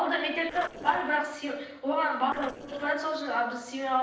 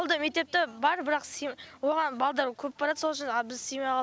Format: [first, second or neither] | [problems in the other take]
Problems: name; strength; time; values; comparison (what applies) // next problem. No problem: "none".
second | noise reduction (neural separator model SepFormer DNS4)